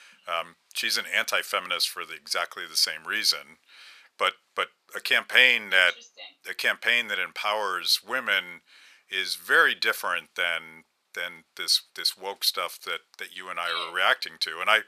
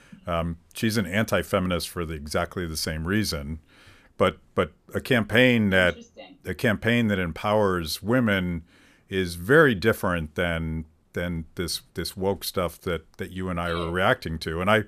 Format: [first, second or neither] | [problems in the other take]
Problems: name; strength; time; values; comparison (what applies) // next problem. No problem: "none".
second | thin; very; fading below 950 Hz